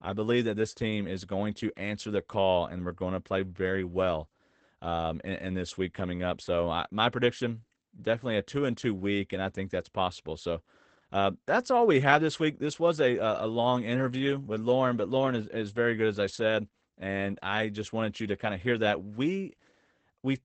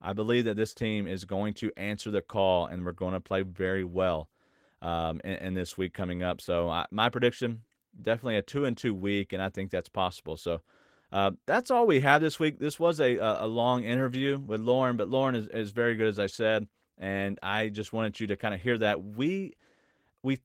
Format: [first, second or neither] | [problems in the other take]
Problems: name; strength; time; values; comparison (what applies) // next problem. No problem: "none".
second | garbled, watery; badly; nothing above 8 kHz; slightly in the second